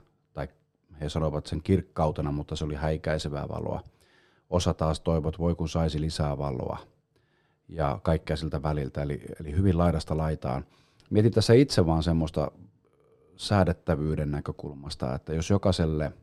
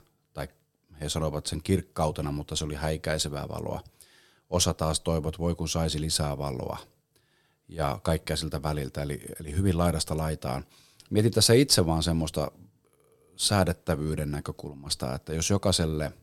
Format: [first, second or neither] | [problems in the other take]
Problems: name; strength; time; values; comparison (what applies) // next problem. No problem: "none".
second | muffled; slightly; fading above 1.5 kHz